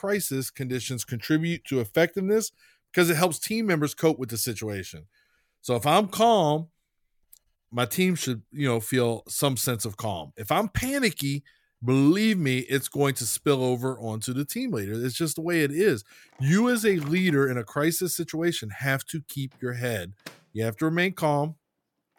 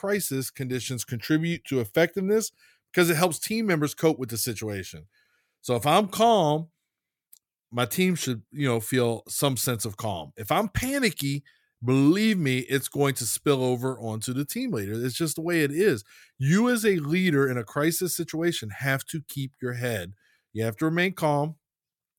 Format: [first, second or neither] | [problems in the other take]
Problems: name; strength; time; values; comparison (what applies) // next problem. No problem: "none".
second | household noises; faint; throughout; 25 dB below the speech